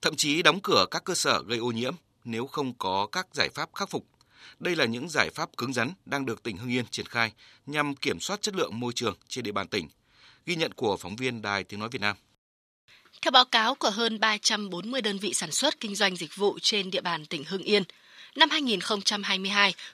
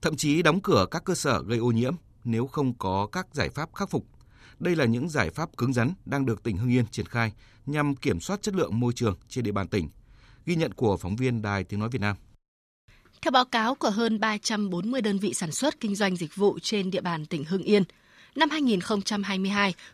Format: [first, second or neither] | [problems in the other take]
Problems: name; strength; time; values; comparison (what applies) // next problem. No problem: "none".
second | thin; somewhat; fading below 1 kHz